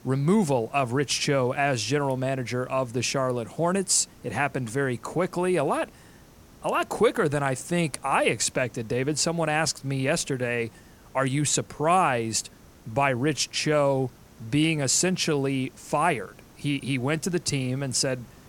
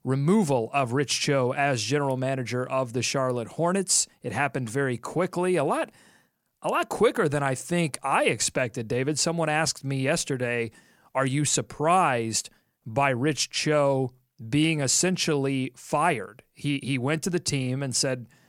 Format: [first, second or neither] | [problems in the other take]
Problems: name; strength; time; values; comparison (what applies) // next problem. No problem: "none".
second | hiss; faint; throughout; 25 dB below the speech